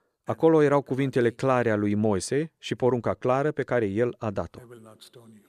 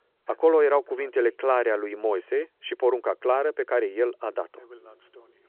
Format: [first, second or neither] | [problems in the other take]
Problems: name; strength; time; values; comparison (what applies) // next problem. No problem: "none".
first | phone-call audio